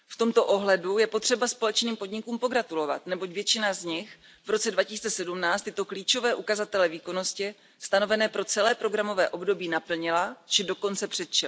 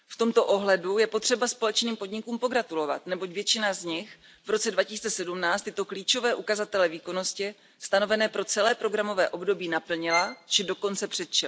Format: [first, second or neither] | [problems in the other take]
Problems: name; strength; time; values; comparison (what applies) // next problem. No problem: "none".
first | background sound (Bowed string instrument); 9 dB below the speech